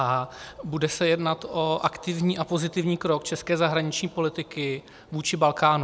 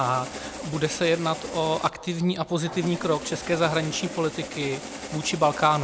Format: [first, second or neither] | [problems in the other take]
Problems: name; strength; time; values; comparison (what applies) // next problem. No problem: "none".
first | background sound (Engine starting); 11 dB below the speech